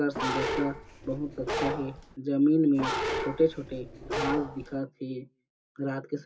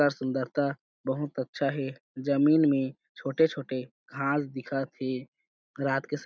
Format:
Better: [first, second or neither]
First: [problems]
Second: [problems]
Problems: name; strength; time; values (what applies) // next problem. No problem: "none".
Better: second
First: background sound (Bark); 4 dB below the speech // room echo; dies away in 0.2 s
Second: none